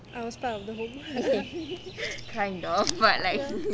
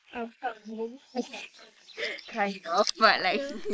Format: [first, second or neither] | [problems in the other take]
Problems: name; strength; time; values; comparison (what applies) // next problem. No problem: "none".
first | noise reduction (neural mask model Resemble Enhance denoiser)